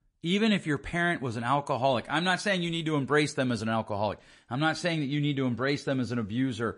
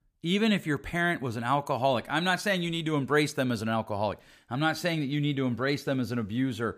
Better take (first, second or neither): second